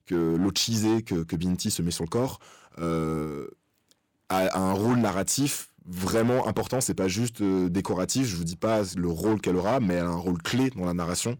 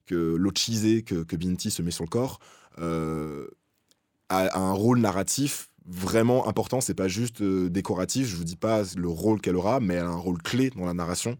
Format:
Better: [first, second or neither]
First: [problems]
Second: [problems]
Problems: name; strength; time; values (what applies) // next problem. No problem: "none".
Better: second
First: distortion; slight; 7% of the sound clipped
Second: none